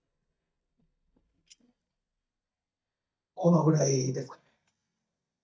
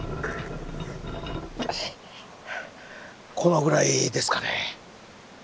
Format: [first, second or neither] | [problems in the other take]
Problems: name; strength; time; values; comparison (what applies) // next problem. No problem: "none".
second | noise reduction (neural mask model DeepFilterNet 3)